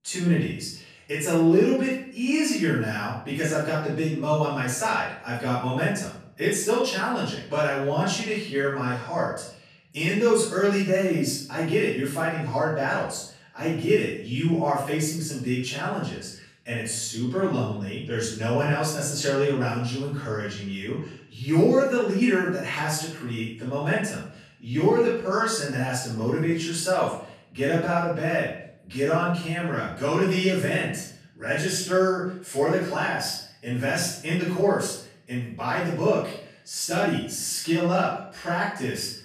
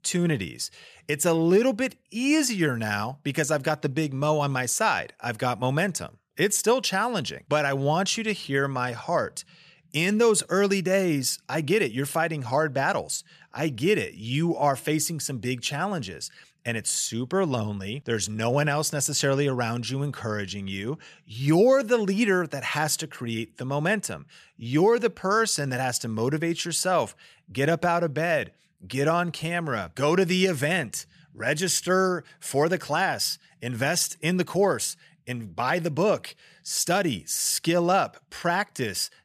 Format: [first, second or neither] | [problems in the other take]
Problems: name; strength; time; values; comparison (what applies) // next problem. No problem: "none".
second | room echo; noticeable; dies away in 0.5 s // off-mic speech; far